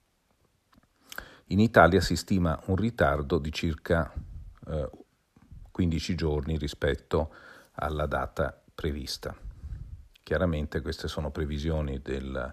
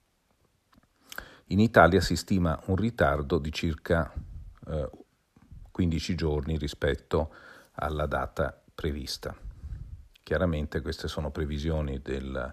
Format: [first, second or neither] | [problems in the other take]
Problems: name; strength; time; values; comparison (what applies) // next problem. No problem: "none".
neither | none